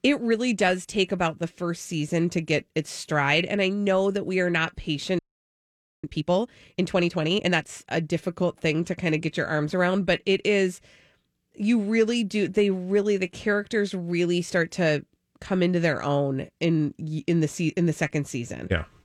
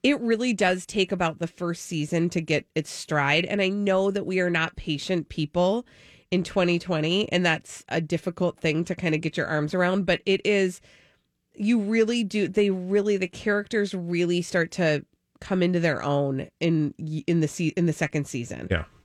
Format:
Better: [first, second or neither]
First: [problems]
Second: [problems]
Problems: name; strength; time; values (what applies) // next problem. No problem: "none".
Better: second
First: audio freezing; at 5 s for 1 s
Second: none